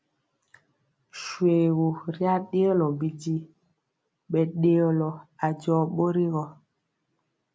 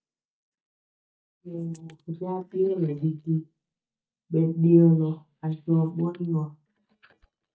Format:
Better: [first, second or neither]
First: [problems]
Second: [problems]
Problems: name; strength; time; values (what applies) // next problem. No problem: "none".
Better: first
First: none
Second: noise reduction (neural mask model DeepFilterNet 3)